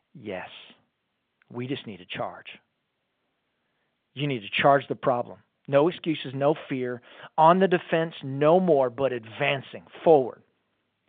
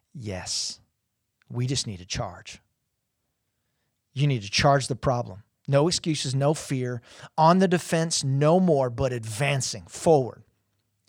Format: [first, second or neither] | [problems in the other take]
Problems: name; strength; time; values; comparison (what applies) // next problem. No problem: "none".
second | phone-call audio